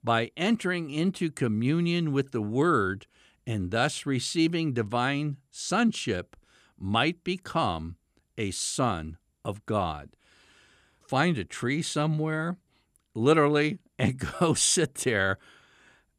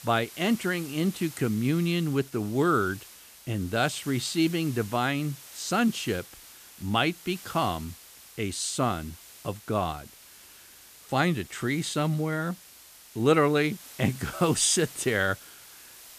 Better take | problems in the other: first | hiss; noticeable; throughout; 20 dB below the speech

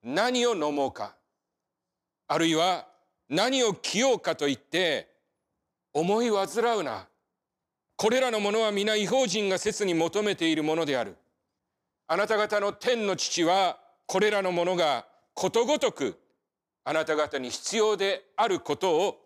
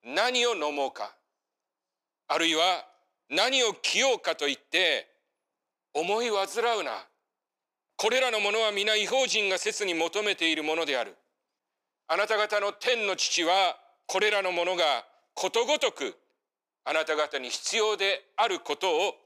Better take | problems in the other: first | thin; somewhat; fading below 400 Hz

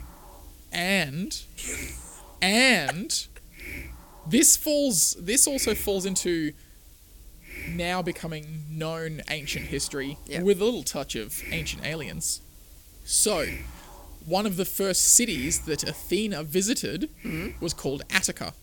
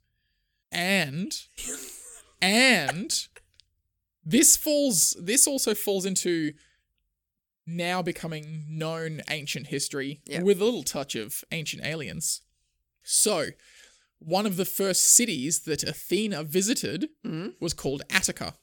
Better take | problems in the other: second | hiss; noticeable; throughout; 20 dB below the speech

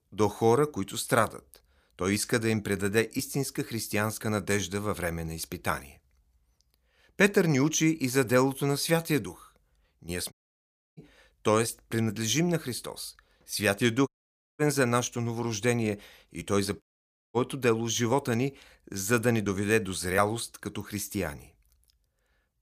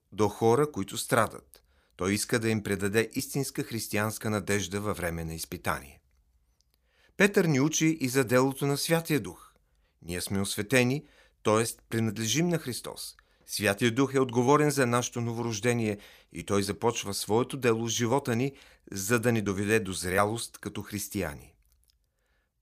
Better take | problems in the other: second | audio cutting out; at 10 s for 0.5 s, at 14 s for 0.5 s and at 17 s for 0.5 s

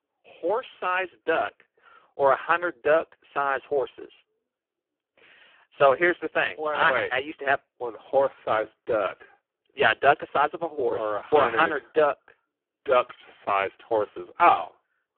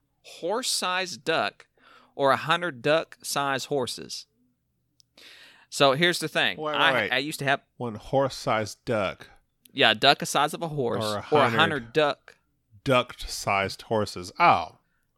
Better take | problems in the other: second | phone-call audio; poor line

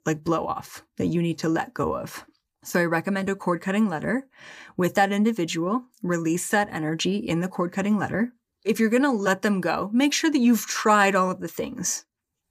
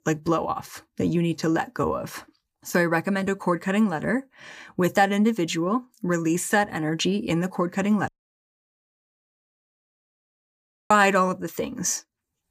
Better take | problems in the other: first | audio cutting out; at 8 s for 3 s

